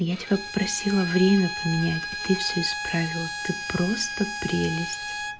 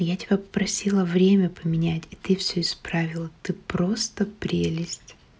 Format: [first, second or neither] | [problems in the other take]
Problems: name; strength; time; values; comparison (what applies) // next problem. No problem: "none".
second | background sound (Bowed string instrument); 6 dB below the speech